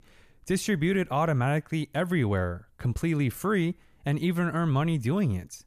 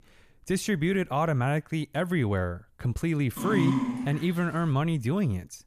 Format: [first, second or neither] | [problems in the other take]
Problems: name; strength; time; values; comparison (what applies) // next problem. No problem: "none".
first | dog barking; loud; at 3.5 s; peak 2 dB above the speech